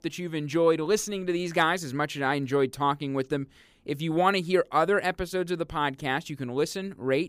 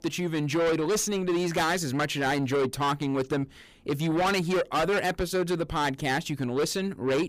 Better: first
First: none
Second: distortion; heavy; 6 dB below the speech

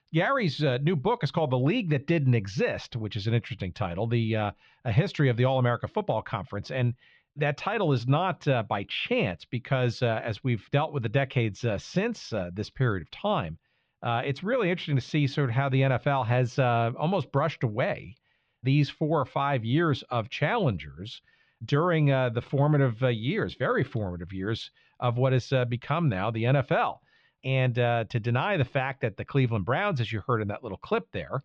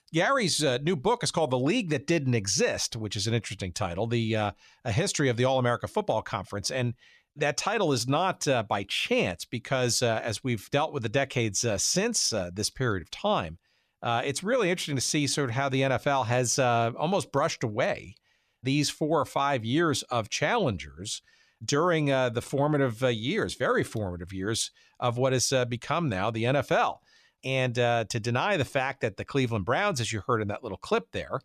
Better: second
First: muffled; slightly; fading above 3.5 kHz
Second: none

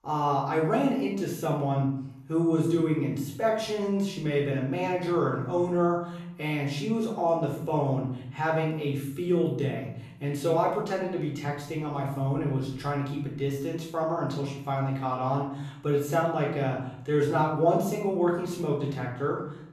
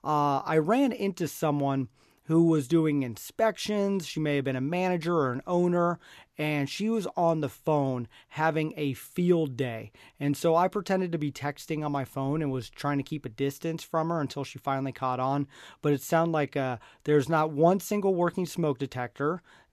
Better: second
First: room echo; noticeable; dies away in 0.7 s // off-mic speech; far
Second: none

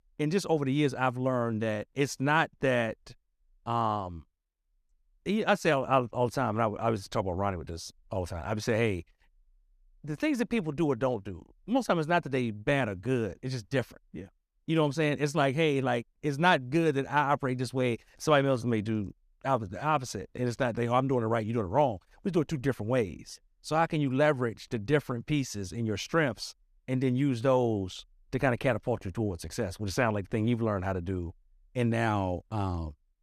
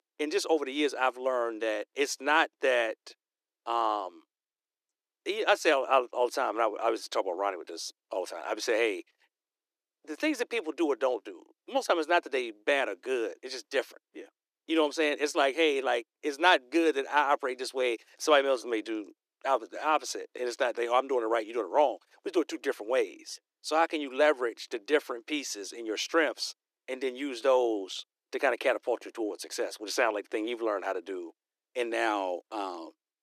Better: first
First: none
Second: thin; somewhat; fading below 300 Hz

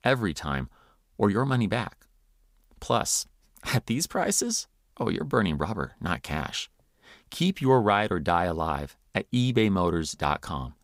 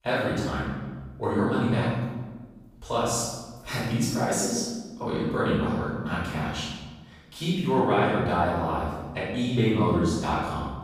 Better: first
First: none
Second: off-mic speech; far // room echo; strong; dies away in 1.2 s

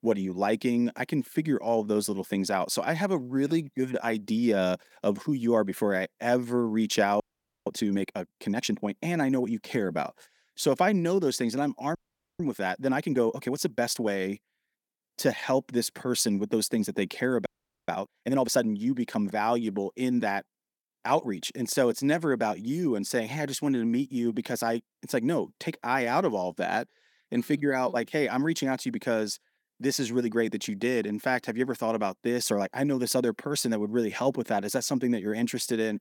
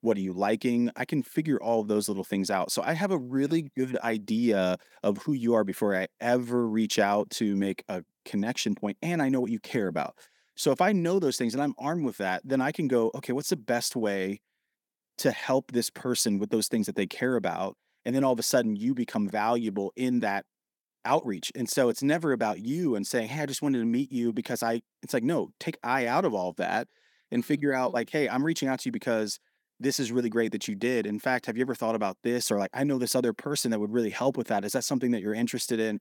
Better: second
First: audio freezing; at 7 s, at 12 s and at 17 s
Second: none

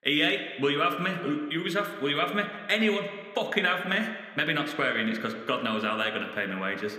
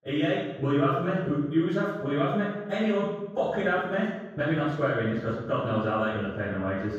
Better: first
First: room echo; slight; dies away in 1.5 s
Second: room echo; strong; dies away in 1.3 s // off-mic speech; far

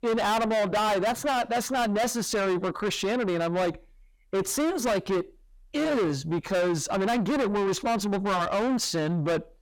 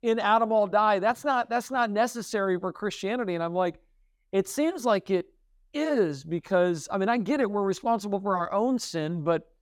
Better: second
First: distortion; heavy; 6 dB below the speech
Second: none

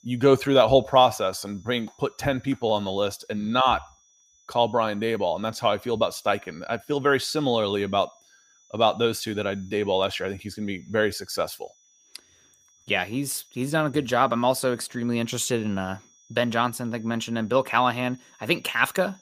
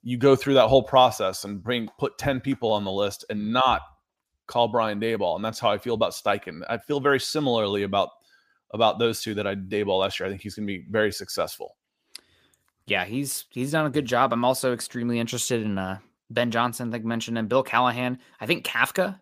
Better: second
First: high-pitched whine; faint; throughout; 6 kHz, 30 dB below the speech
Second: none

